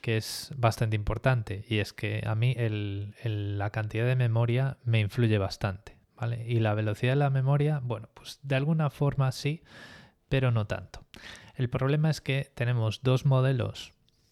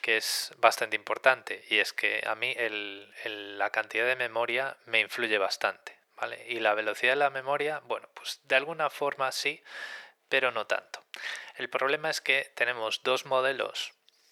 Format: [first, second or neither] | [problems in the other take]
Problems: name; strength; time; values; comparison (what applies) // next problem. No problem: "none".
first | thin; very; fading below 500 Hz